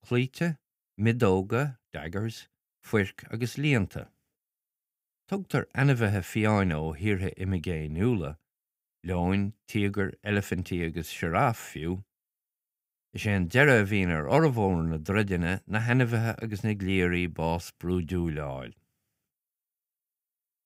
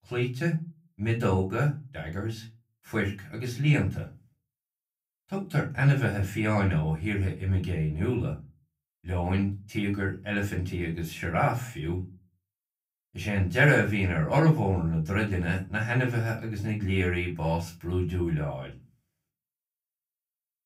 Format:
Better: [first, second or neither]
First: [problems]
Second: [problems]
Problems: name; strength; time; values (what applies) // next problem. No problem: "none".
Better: first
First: none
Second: off-mic speech; far // room echo; very slight; dies away in 0.2 s